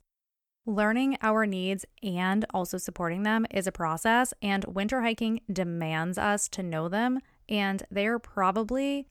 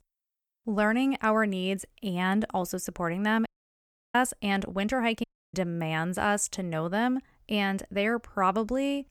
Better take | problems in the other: first | audio cutting out; at 3.5 s for 0.5 s and at 5 s

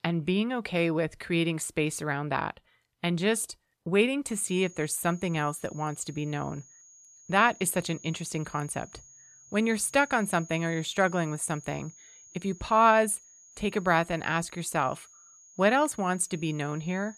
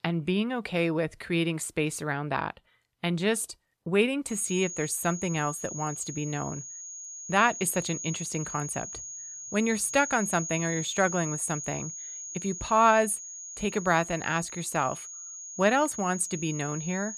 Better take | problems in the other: first | high-pitched whine; loud; from 4.5 s on; 6.5 kHz, 8 dB below the speech; faint in the first

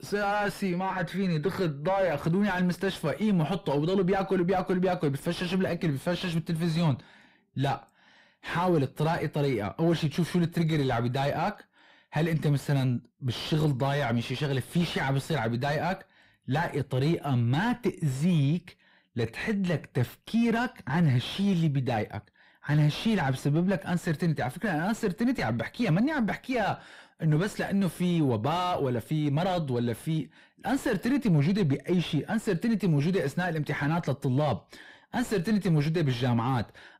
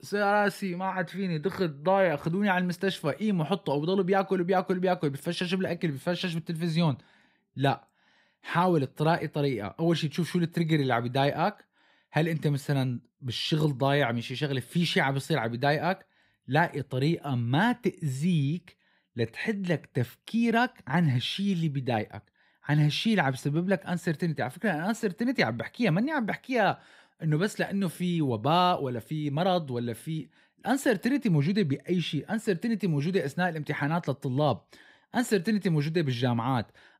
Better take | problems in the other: second | distortion; heavy; 7 dB below the speech

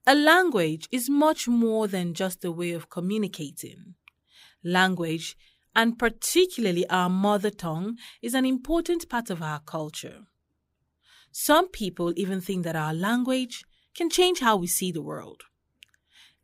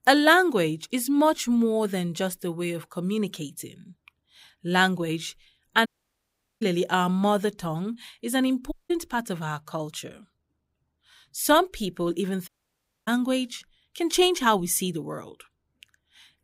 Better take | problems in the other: first | audio cutting out; at 6 s for 1 s, at 8.5 s and at 12 s for 0.5 s

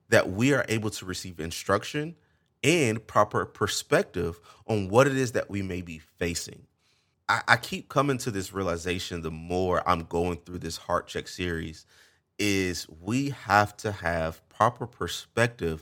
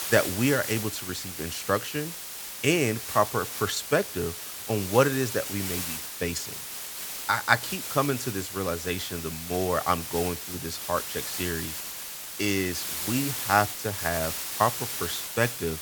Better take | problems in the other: first | hiss; loud; throughout; 5 dB below the speech

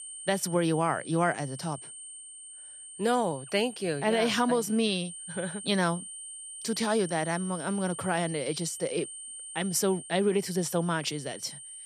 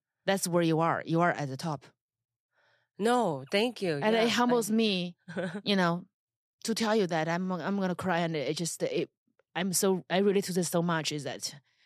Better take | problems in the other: second | high-pitched whine; noticeable; throughout; 9 kHz, 10 dB below the speech

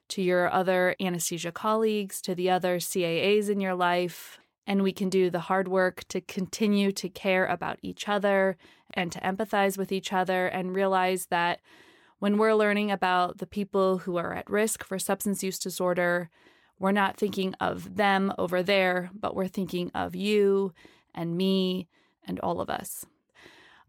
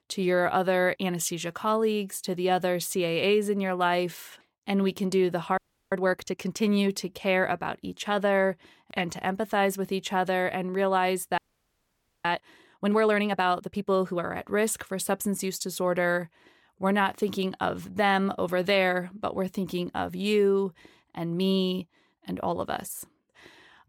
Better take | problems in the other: first | audio freezing; at 5.5 s and at 11 s for 1 s

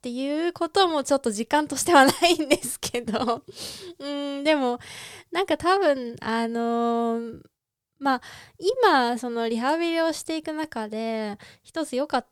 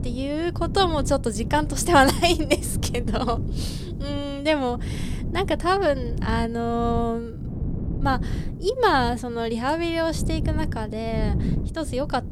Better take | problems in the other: first | wind noise on the microphone; occasional gusts; 15 dB below the speech

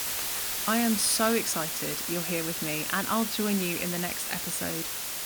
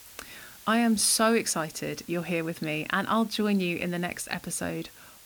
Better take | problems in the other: second | hiss; loud; throughout; 1 dB below the speech; faint in the second

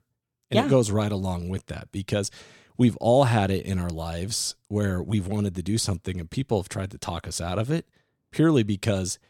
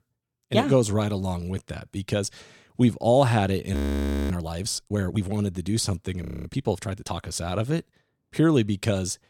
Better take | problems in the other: first | audio freezing; at 3.5 s for 0.5 s and at 6 s

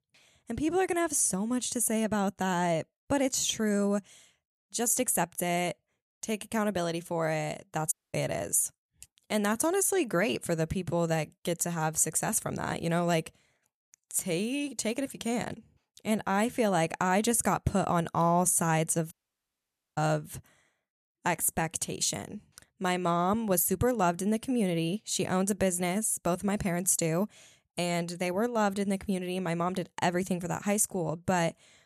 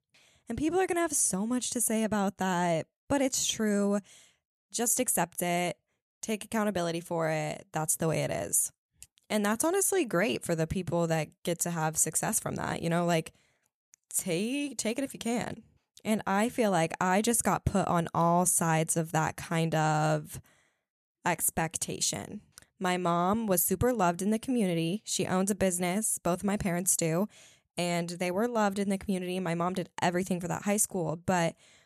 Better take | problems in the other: second | audio cutting out; at 8 s and at 19 s for 1 s

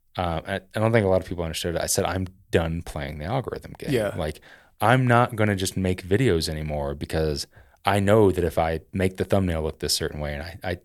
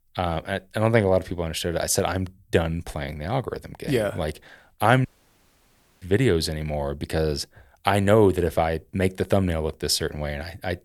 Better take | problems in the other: first | audio cutting out; at 5 s for 1 s

